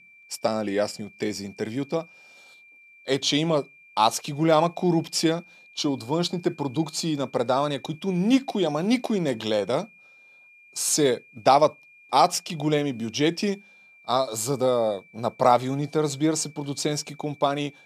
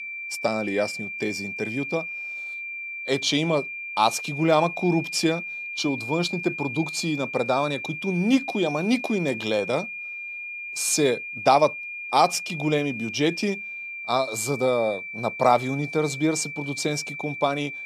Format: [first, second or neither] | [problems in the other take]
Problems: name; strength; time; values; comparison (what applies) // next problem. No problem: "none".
first | high-pitched whine; loud; throughout; 2.5 kHz, 7 dB below the speech; faint in the first